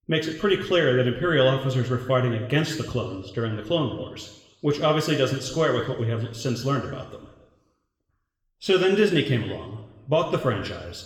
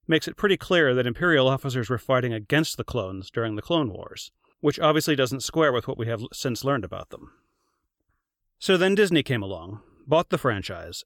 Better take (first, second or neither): second